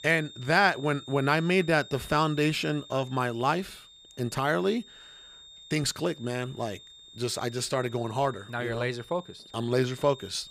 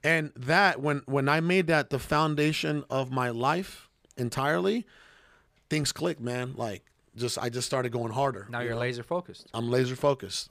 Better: second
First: high-pitched whine; noticeable; throughout; 3.5 kHz, 20 dB below the speech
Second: none

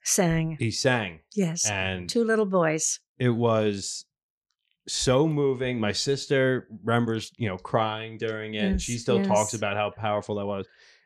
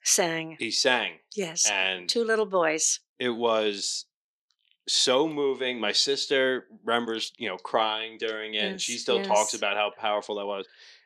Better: first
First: none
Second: thin; somewhat; fading below 300 Hz

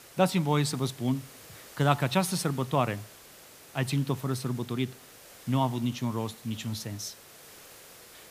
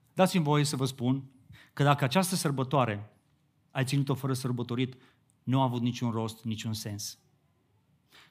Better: second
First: hiss; noticeable; throughout; 20 dB below the speech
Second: none

